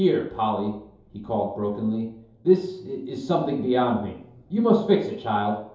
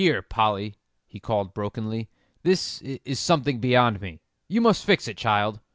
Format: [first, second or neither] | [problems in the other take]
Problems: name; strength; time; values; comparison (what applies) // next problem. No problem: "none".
second | room echo; dies away in 2.8 s